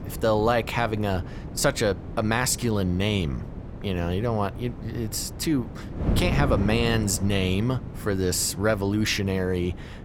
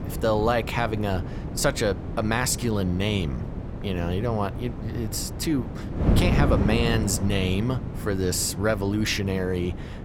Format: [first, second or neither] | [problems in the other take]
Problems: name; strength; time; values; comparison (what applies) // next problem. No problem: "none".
first | wind noise on the microphone; heavy; 10 dB below the speech; occasional gusts in the first